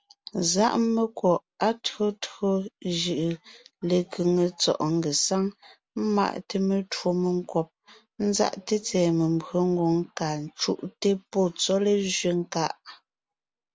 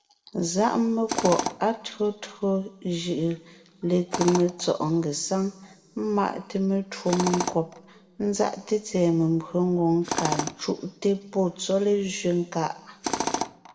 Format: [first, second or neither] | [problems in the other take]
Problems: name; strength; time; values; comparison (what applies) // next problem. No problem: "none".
first | background sound (Tools); 10 dB below the speech // room echo; dies away in 1.6 s